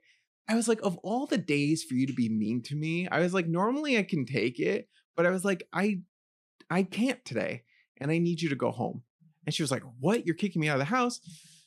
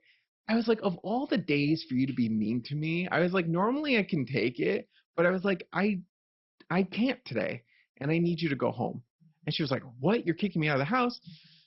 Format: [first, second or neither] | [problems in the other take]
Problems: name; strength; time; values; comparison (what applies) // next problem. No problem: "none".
first | garbled, watery; badly; nothing above 5.5 kHz